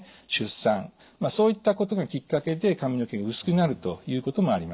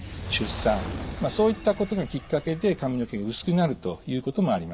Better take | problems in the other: first | background sound (Fire); 12 dB below the speech

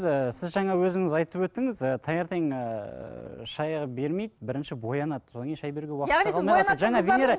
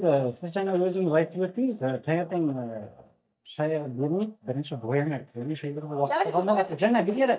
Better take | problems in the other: first | noise reduction (neural mask model DeepFilterNet 3)

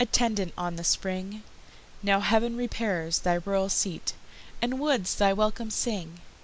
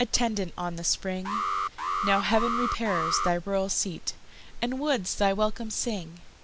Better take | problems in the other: first | background sound (Alarm); 3 dB below the speech

